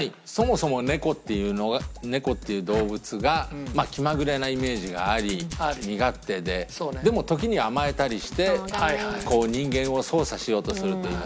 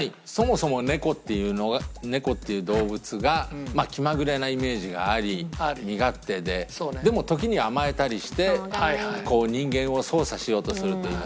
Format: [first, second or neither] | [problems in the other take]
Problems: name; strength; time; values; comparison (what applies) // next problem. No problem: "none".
second | background sound (Hands); 18 dB below the speech